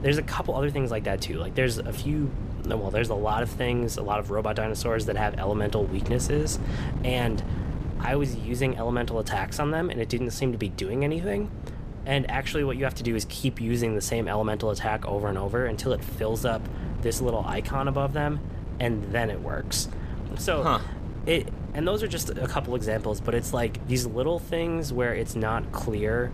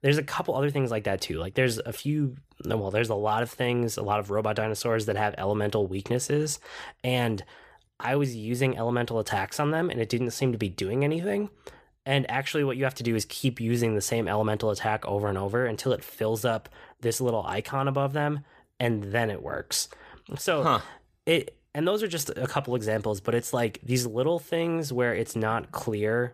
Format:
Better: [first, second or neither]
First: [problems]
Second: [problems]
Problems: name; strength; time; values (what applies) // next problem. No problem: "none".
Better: second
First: wind noise on the microphone; occasional gusts; 15 dB below the speech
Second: none